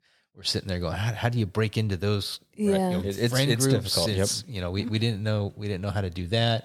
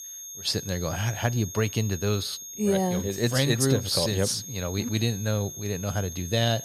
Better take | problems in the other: first | high-pitched whine; noticeable; throughout; 6.5 kHz, 10 dB below the speech

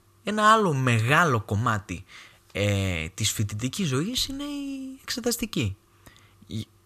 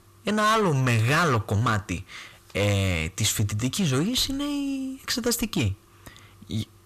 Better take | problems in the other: first | distortion; heavy; 7 dB below the speech

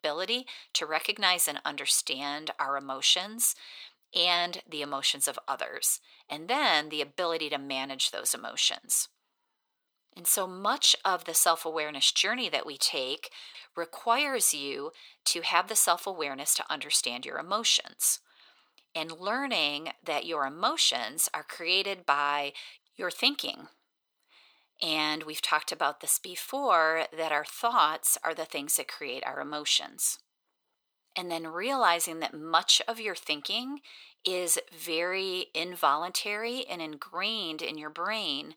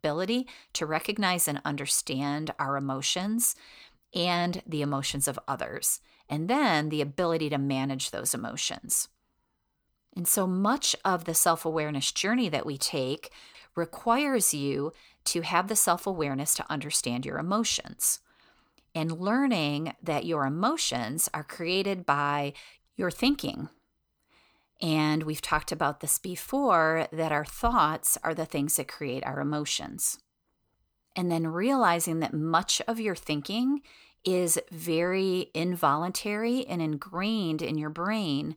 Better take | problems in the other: second | thin; somewhat; fading below 500 Hz

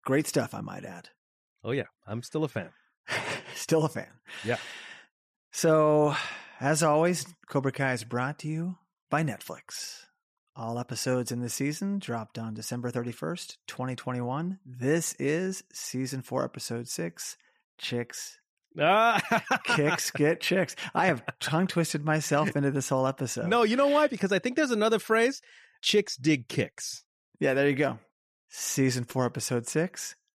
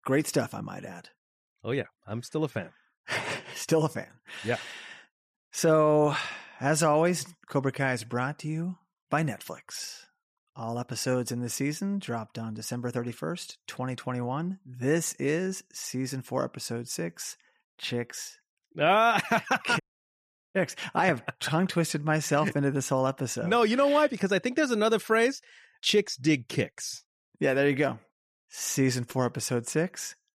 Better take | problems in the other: first | audio cutting out; at 20 s for 0.5 s

